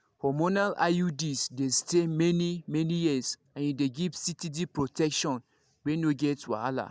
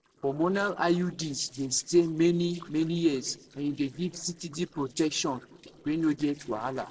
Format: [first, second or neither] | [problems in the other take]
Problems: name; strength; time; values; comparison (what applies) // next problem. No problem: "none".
first | noise reduction (neural separator model SepFormer DNS4)